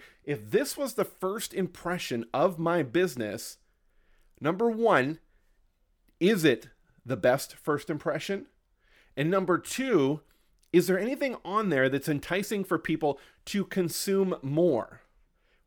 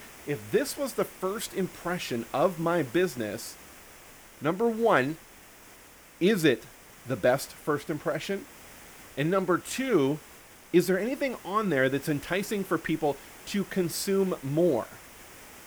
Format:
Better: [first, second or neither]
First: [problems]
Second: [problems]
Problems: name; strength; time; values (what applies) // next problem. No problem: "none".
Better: first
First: none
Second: hiss; noticeable; throughout; 20 dB below the speech